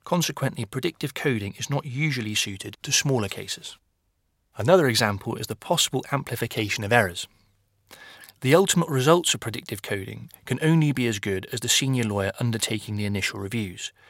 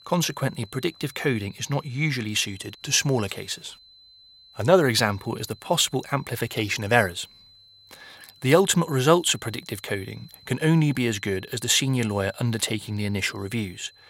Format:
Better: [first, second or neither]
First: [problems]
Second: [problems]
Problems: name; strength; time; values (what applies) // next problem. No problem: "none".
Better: first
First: none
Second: high-pitched whine; faint; throughout; 4 kHz, 25 dB below the speech